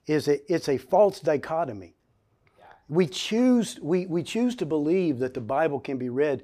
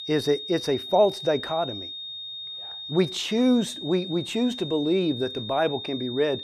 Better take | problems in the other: first | high-pitched whine; loud; throughout; 3.5 kHz, 9 dB below the speech

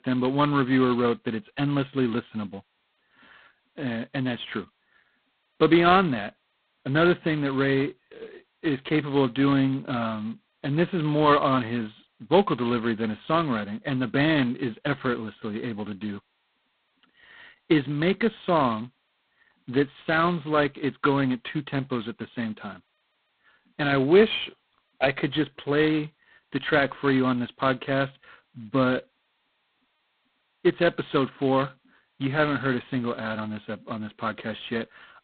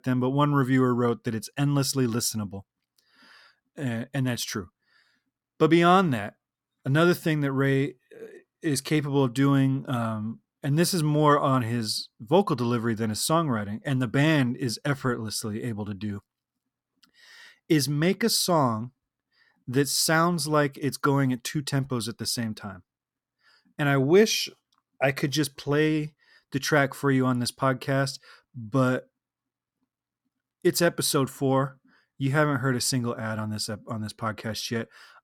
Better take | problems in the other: second | phone-call audio; poor line; nothing above 4 kHz

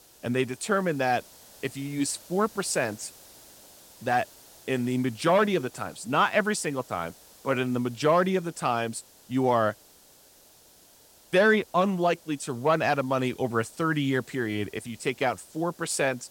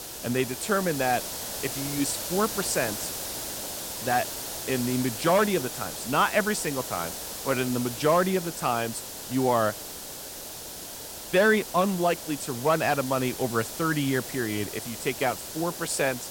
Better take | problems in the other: first | hiss; loud; throughout; 7 dB below the speech; faint in the first

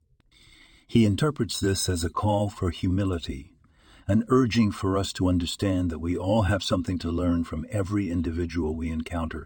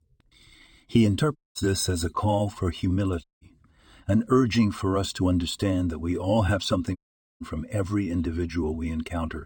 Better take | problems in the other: first | audio cutting out; at 1.5 s, at 3 s and at 7 s

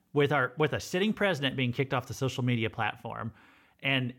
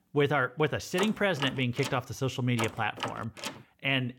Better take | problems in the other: first | door banging; noticeable; from 1 to 3.5 s; peak 8 dB below the speech

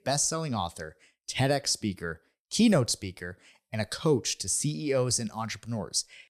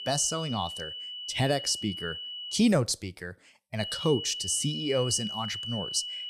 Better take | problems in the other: first | high-pitched whine; loud; until 2.5 s and from 4 s on; 3 kHz, 6 dB below the speech

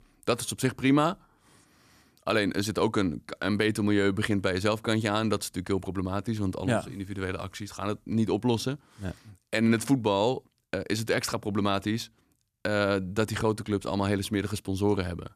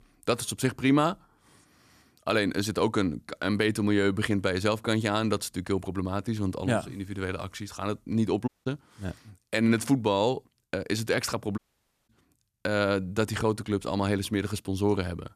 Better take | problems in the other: first | audio cutting out; at 8.5 s and at 12 s for 0.5 s

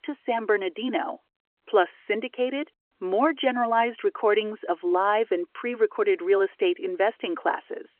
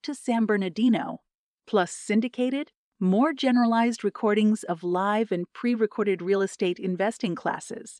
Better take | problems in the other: second | phone-call audio; nothing above 3 kHz

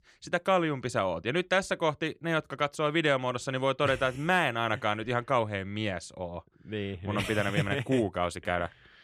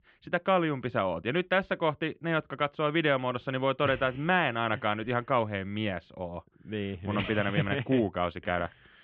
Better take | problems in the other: first | muffled; very; fading above 3 kHz

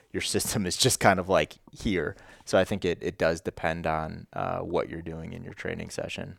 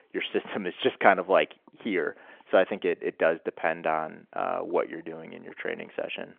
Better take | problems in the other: first | phone-call audio; nothing above 3.5 kHz

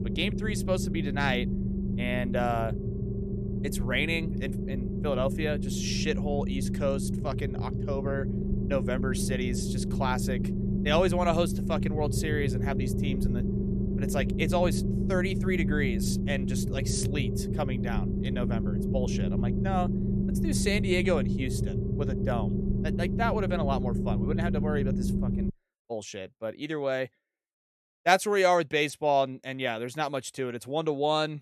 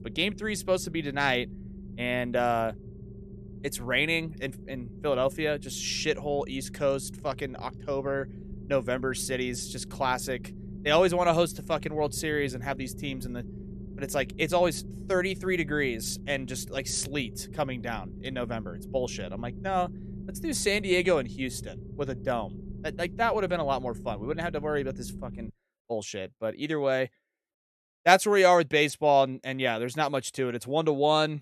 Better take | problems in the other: second | low rumble; loud; until 26 s; 7 dB below the speech; faint in the second

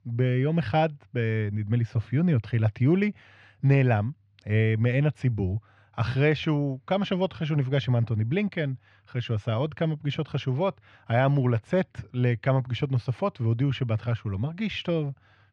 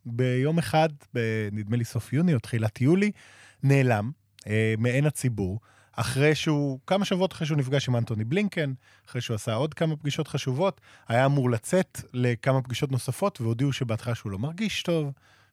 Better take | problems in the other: second | muffled; slightly; fading above 3.5 kHz

